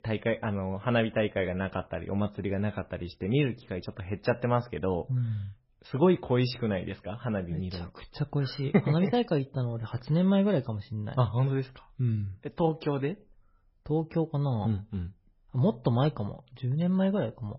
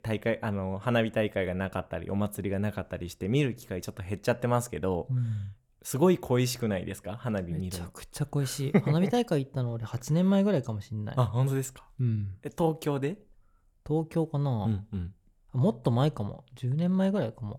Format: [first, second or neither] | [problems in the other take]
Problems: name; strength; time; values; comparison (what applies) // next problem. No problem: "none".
second | garbled, watery; badly; nothing above 5.5 kHz